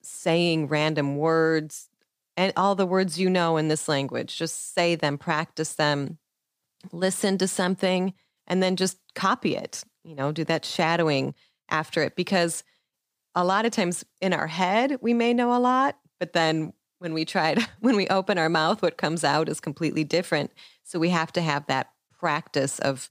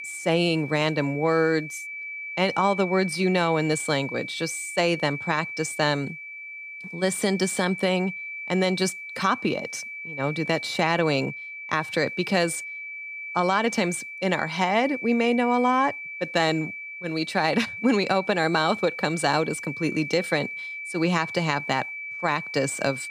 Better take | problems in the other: first | high-pitched whine; loud; throughout; 2.5 kHz, 9 dB below the speech

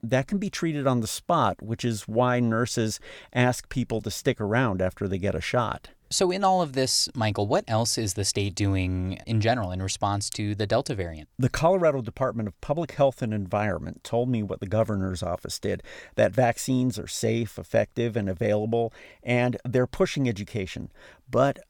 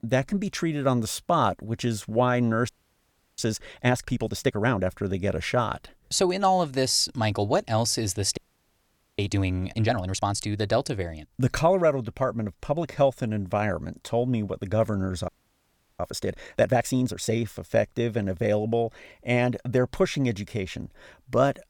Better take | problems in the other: first | audio freezing; at 2.5 s for 0.5 s, at 8.5 s for 1 s and at 15 s for 0.5 s

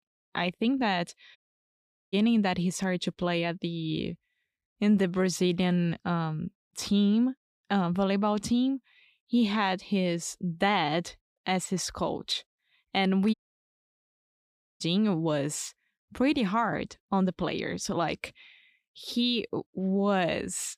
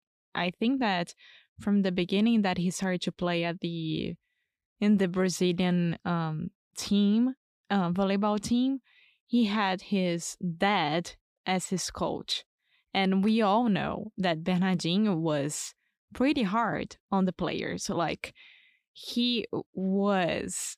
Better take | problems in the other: second | audio cutting out; at 1.5 s for 1 s and at 13 s for 1.5 s

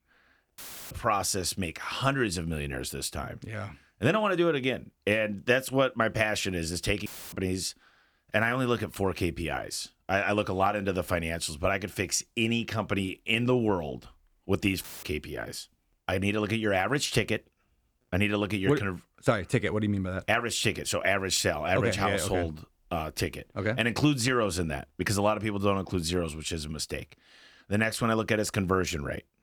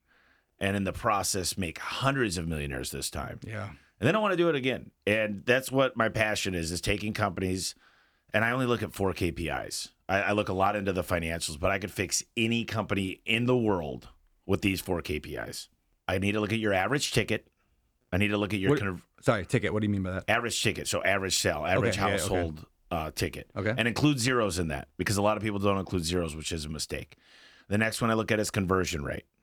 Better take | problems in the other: second | audio cutting out; filled with static; at 0.5 s, at 7 s and at 15 s

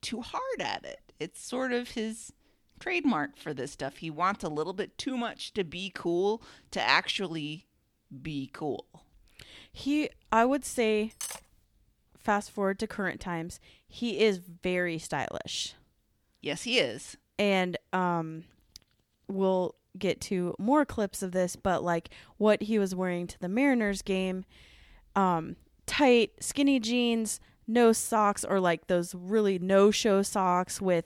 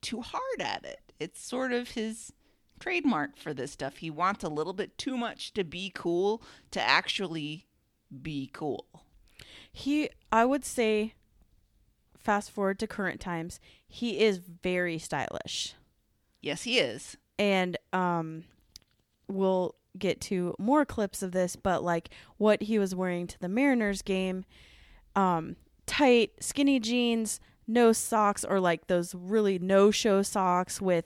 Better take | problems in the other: second | clattering dishes; noticeable; at 11 s; peak 9 dB below the speech

